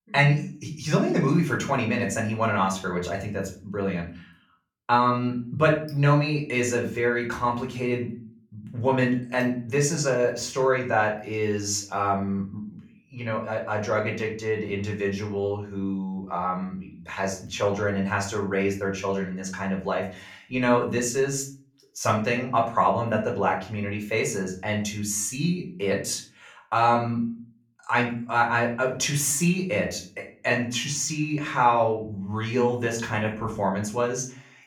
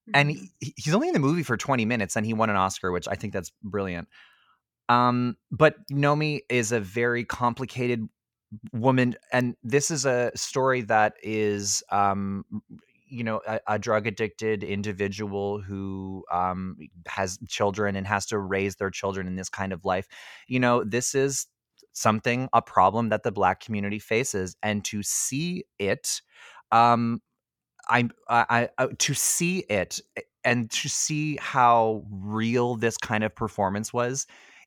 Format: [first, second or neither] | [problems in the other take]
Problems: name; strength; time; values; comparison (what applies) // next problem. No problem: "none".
second | room echo; slight; dies away in 0.4 s // off-mic speech; far